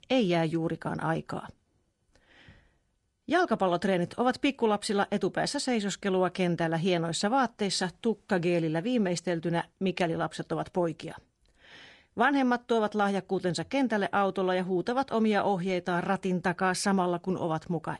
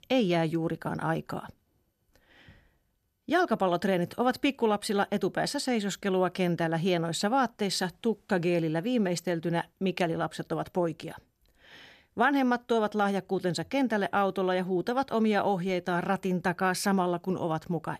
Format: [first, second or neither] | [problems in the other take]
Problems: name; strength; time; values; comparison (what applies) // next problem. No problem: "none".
second | garbled, watery; slightly; nothing above 10.5 kHz